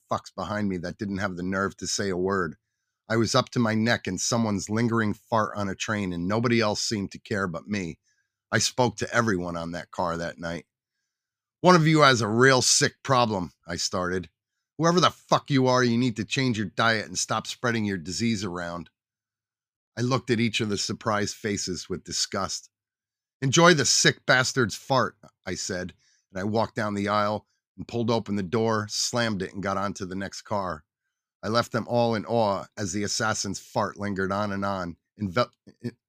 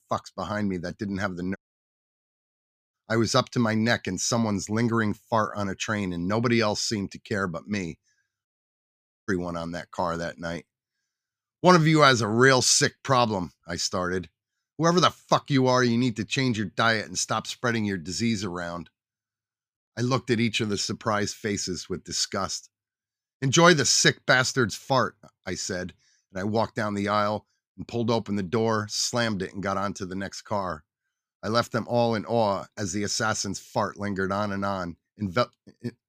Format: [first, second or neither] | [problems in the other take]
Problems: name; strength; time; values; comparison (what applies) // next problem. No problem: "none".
first | audio cutting out; at 1.5 s for 1.5 s and at 8.5 s for 1 s